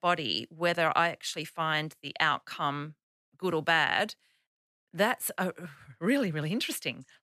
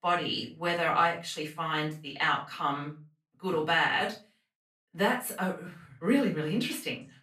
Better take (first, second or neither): first